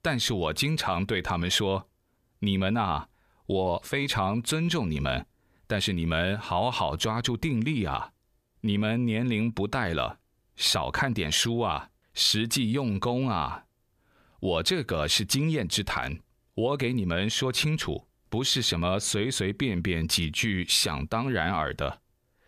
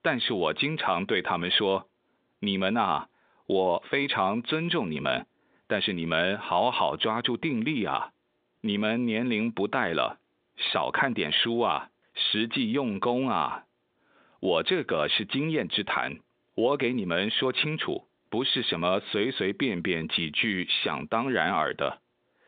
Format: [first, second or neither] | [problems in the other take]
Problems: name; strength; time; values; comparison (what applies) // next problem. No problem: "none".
first | phone-call audio; nothing above 3.5 kHz